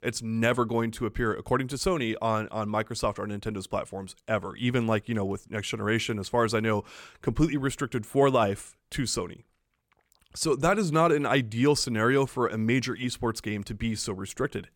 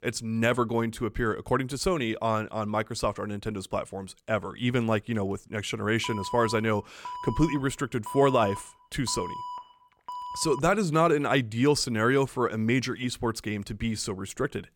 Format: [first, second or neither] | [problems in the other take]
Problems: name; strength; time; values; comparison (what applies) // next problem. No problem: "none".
first | alarm; noticeable; from 6 to 11 s; peak 9 dB below the speech